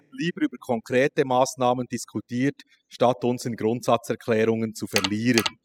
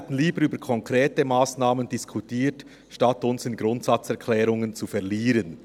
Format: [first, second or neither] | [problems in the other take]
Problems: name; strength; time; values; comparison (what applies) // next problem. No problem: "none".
second | noise reduction (classical method spectral subtraction)